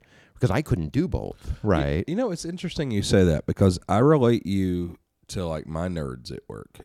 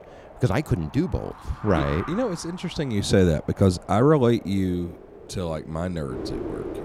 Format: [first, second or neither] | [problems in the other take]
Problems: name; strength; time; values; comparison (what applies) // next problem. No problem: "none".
first | wind noise on the microphone; occasional gusts; 10 dB below the speech